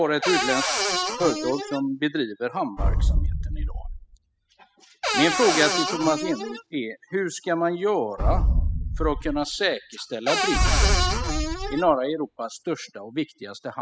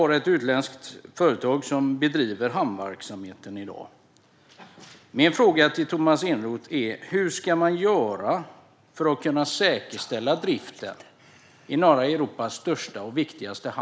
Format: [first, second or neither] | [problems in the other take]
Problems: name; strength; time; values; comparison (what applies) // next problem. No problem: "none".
second | noise reduction (classical method spectral subtraction)